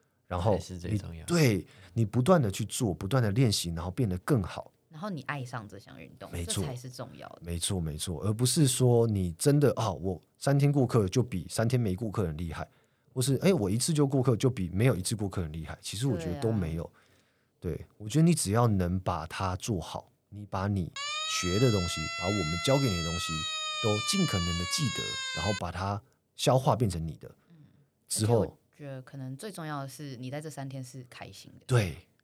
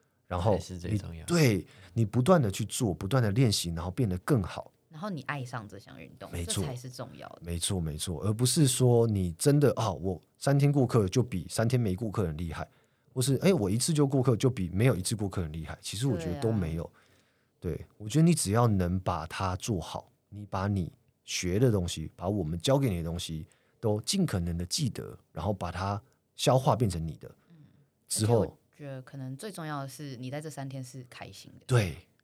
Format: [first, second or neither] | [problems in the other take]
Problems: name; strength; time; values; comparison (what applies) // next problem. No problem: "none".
second | siren; noticeable; from 21 to 26 s; peak 2 dB below the speech